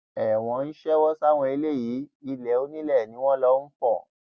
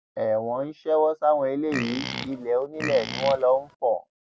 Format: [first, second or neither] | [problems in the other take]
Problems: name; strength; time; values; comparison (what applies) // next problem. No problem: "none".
first | background sound (Livestock, farm animals, working animals); 9 dB below the speech